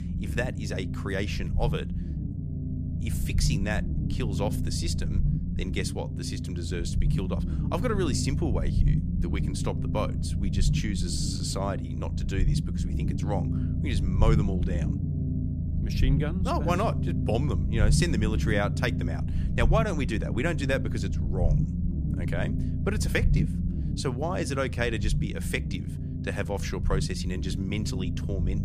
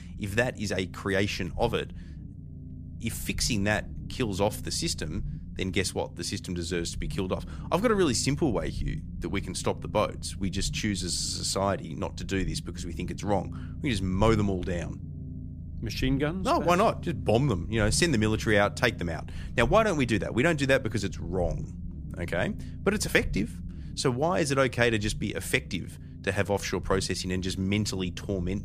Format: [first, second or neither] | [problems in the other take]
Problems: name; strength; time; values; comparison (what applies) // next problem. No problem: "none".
second | low rumble; loud; throughout; 7 dB below the speech; faint in the second